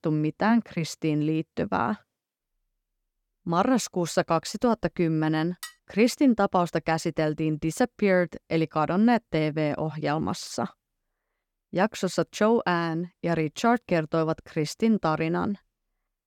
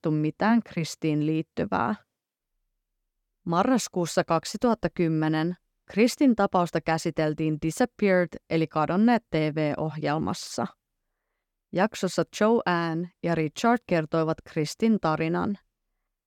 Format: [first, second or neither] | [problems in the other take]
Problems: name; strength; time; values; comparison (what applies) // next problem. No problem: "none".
second | clattering dishes; faint; at 5.5 s; peak 15 dB below the speech